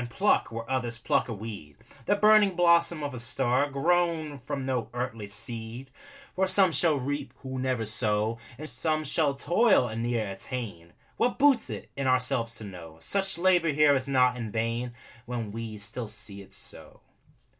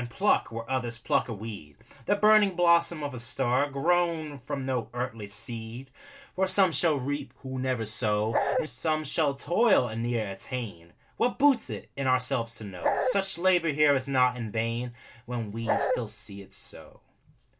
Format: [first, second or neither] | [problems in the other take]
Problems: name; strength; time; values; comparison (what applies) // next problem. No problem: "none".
first | background sound (Bark); 2 dB above the speech